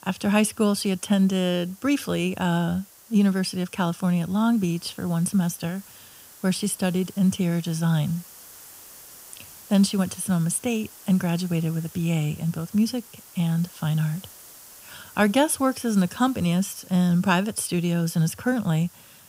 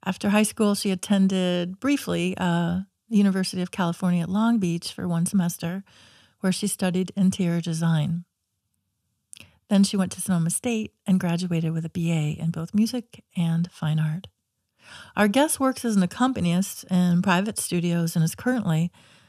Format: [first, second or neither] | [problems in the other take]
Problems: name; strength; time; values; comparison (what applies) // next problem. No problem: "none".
second | hiss; faint; throughout; 20 dB below the speech